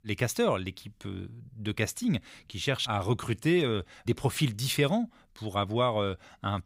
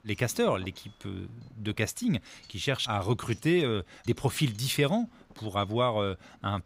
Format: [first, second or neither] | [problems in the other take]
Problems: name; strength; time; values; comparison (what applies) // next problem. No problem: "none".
first | wind noise on the microphone; occasional gusts; 25 dB below the speech